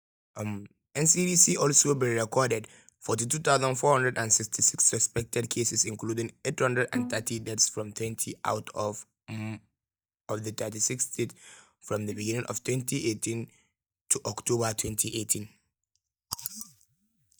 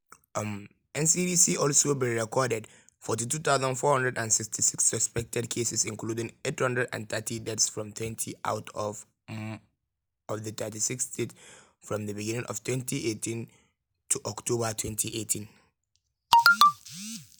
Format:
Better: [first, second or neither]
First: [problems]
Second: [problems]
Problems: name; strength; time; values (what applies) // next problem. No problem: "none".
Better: second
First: noise reduction (neural mask model DeepFilterNet 3)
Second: none